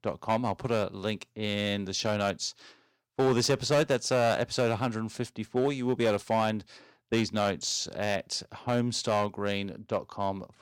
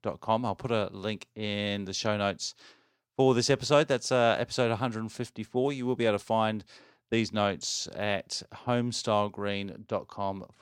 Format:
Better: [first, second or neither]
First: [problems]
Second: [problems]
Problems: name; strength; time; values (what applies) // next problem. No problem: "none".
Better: second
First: distortion; slight; 4% of the sound clipped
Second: none